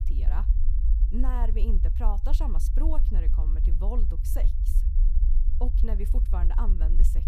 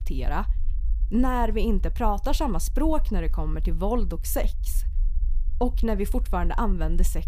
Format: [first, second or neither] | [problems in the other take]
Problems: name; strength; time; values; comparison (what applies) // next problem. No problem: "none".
second | low rumble; loud; throughout; 8 dB below the speech; faint in the second